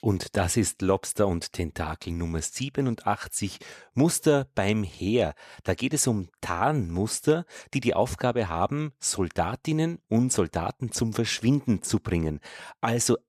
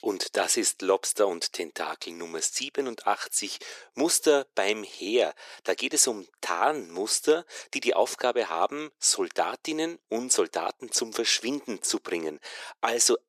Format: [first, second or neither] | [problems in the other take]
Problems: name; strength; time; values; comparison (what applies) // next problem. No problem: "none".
first | thin; somewhat; fading below 350 Hz